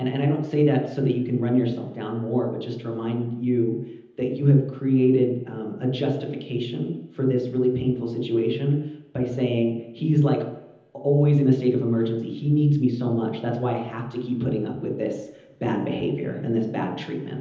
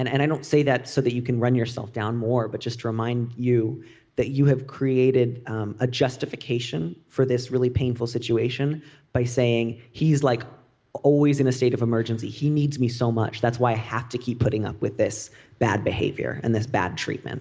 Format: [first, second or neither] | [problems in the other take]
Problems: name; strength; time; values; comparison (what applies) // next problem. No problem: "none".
second | room echo; dies away in 0.9 s